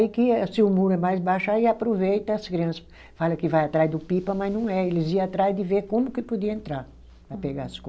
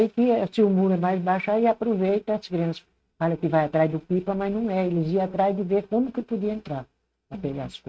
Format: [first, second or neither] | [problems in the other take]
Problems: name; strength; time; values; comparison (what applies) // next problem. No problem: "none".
first | noise reduction (neural mask model RNNoise)